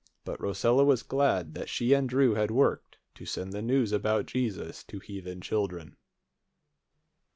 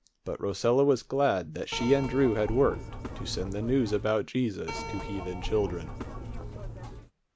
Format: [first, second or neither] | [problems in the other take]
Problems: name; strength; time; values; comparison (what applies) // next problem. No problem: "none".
first | background sound (Keyboard (musical)); 8 dB below the speech